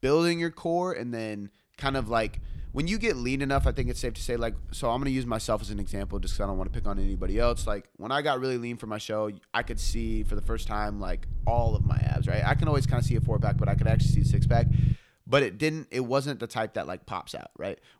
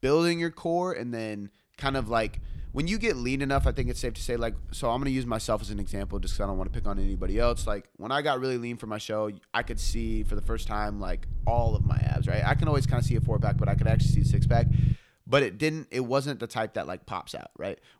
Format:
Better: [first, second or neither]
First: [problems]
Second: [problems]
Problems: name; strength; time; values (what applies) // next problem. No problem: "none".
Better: neither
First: low rumble; loud; from 2 to 7.5 s and from 9.5 to 15 s; 8 dB below the speech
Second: low rumble; loud; from 2 to 7.5 s and from 9.5 to 15 s; 8 dB below the speech